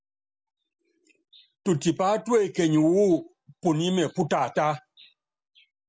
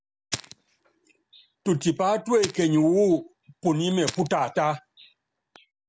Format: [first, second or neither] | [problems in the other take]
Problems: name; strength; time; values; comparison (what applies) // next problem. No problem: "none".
first | background sound (Fire); 15 dB below the speech